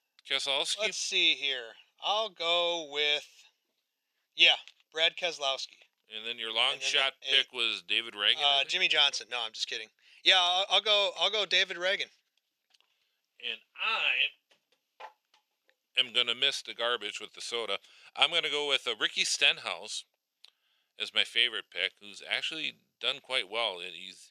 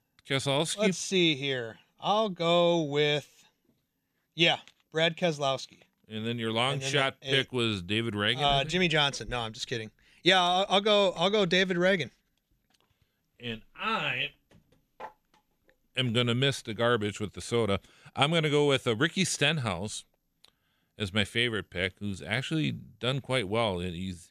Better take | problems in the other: second | thin; very; fading below 600 Hz

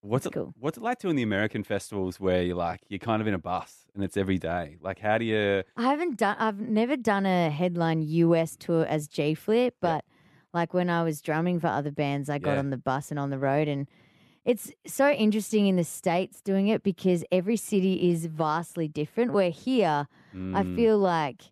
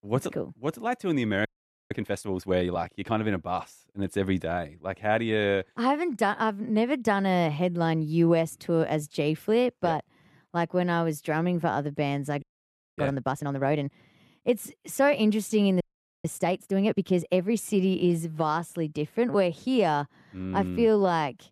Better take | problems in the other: first | audio freezing; at 1.5 s, at 12 s for 0.5 s and at 16 s

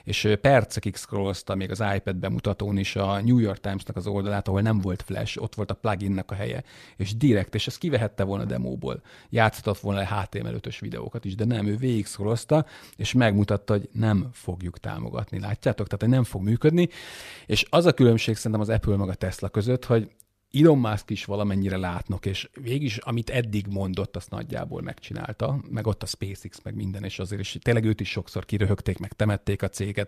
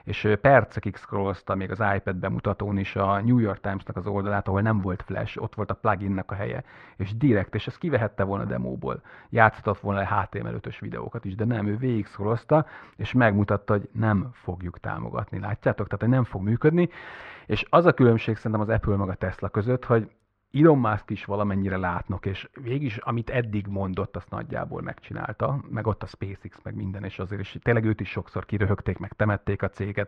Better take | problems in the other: first | muffled; very; fading above 2 kHz

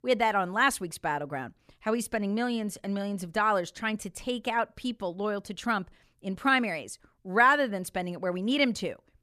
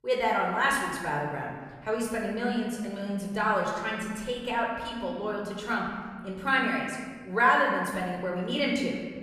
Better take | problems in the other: first | off-mic speech; far // room echo; noticeable; dies away in 1.5 s

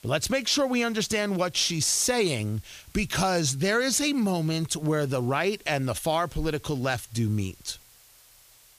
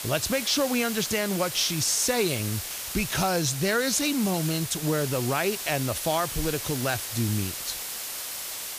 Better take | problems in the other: first | hiss; loud; throughout; 5 dB below the speech; faint in the first

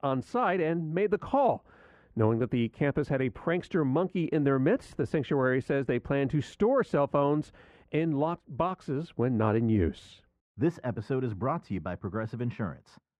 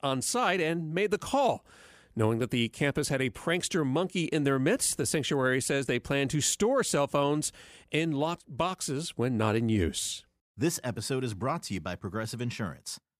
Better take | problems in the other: second | muffled; very; fading above 3.5 kHz

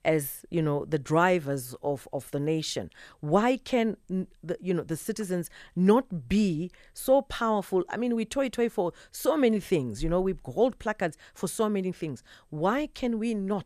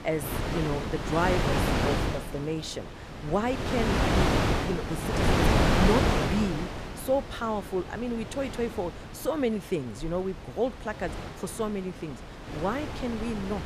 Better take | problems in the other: first | wind noise on the microphone; heavy; 3 dB above the speech

